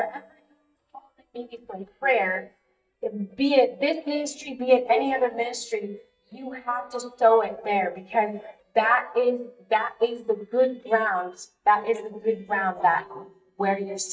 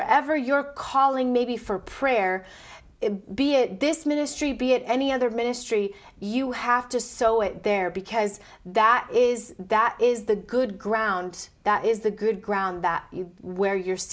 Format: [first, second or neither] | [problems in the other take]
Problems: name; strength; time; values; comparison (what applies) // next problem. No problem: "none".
second | noise reduction (neural mask model DeepFilterNet 3)